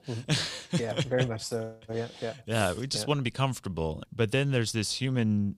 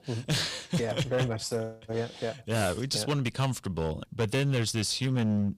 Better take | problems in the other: first | distortion; slight; 8% of the sound clipped

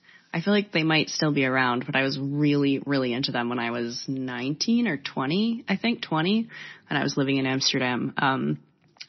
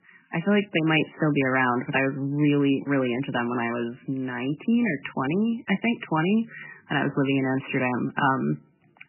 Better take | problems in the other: first | garbled, watery; badly; nothing above 3 kHz; slightly in the first

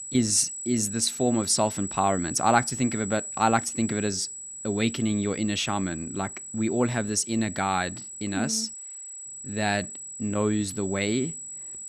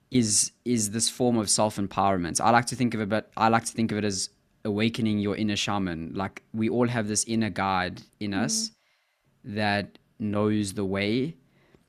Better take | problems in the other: second | high-pitched whine; loud; throughout; 8 kHz, 9 dB below the speech

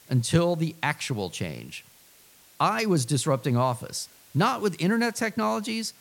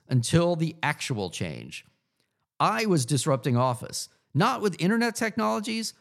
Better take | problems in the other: second | hiss; faint; throughout; 25 dB below the speech

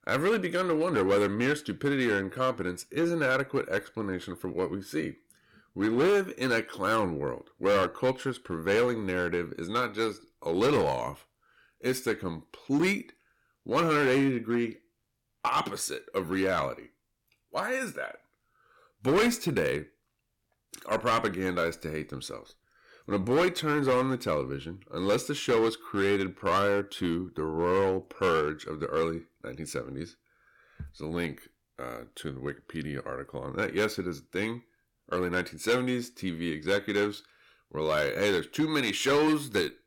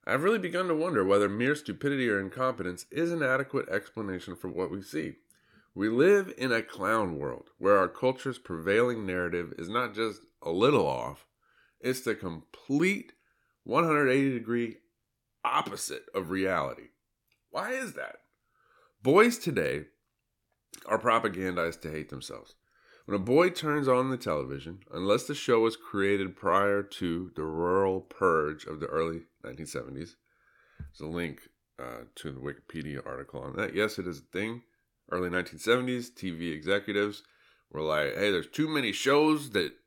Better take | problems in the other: second | distortion; slight; 5% of the sound clipped

